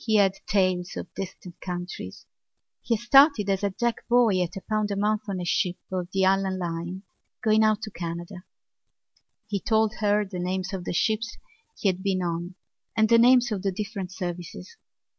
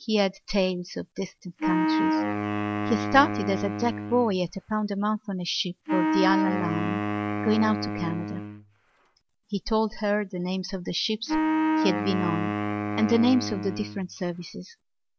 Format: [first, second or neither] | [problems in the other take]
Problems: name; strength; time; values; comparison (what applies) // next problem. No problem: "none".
first | background sound (Wind instrument, woodwind instrument); as loud as the speech